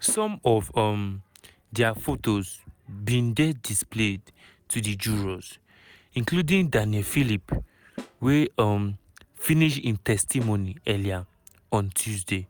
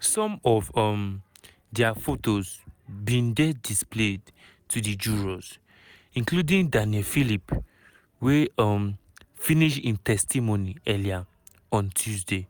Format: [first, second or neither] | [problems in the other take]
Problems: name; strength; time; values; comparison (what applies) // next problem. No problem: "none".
second | background sound (Snare drum); 20 dB below the speech